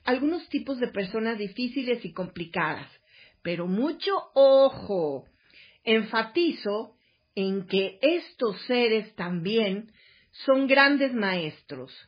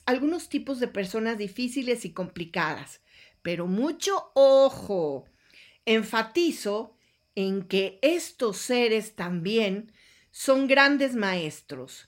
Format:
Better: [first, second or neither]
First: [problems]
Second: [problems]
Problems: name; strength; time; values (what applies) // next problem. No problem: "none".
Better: second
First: garbled, watery; badly; nothing above 5 kHz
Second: none